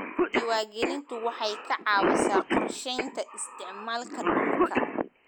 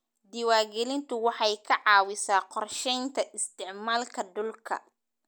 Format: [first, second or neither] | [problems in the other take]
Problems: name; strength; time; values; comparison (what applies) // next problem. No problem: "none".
second | background sound (Cough); 3 dB above the speech